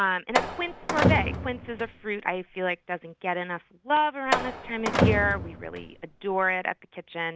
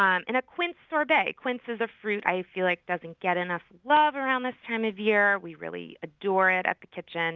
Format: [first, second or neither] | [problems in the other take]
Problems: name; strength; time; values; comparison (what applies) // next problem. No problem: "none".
second | background sound (Slam); 1 dB below the speech